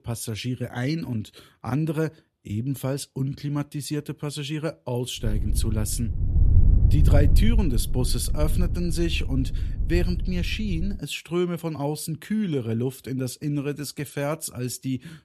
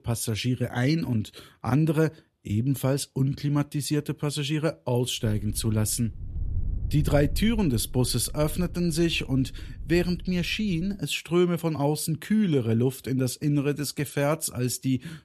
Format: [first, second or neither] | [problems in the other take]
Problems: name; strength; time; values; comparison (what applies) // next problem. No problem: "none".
second | low rumble; loud; from 5 to 11 s; 10 dB below the speech; faint in the second